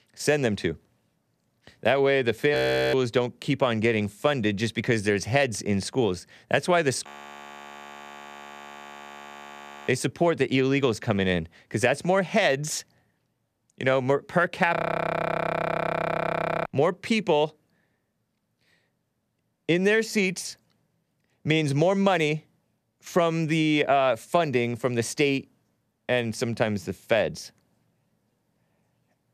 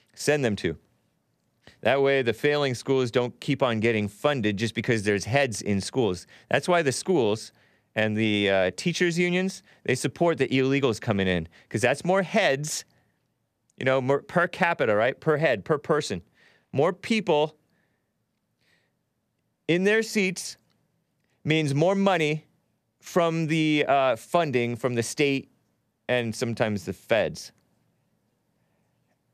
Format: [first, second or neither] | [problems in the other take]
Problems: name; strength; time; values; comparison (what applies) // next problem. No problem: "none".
second | audio freezing; at 2.5 s, at 7 s for 3 s and at 15 s for 2 s